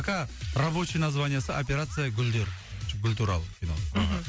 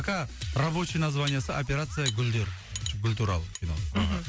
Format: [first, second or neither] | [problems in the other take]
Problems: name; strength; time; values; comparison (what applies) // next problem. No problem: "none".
first | background sound (Cutlery, silverware); 14 dB below the speech